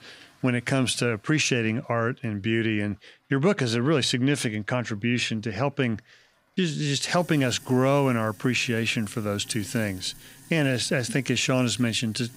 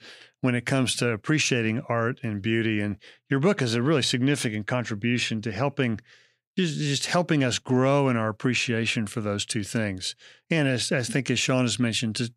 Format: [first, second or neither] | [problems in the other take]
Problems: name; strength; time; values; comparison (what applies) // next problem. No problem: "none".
second | household noises; faint; throughout; 20 dB below the speech